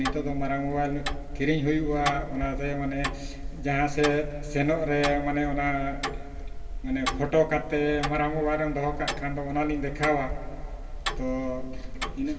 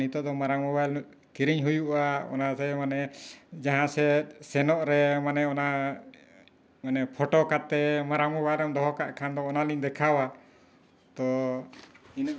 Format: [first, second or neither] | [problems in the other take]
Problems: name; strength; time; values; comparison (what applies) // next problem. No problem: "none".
second | background sound (Tick-tock); 5 dB below the speech // room echo; dies away in 2.4 s